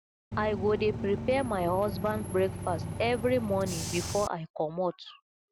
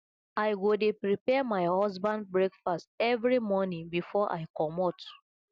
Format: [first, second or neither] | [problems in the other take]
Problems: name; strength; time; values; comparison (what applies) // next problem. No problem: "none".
second | background sound (Bus / Engine); 6 dB below the speech